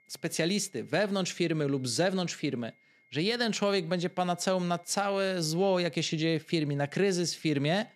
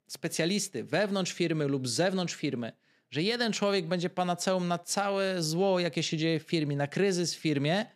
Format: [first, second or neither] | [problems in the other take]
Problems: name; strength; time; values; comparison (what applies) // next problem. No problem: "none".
second | high-pitched whine; faint; throughout; 2 kHz, 35 dB below the speech